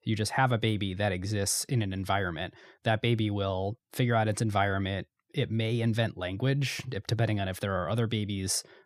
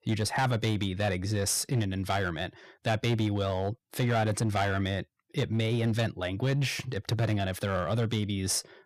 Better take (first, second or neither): first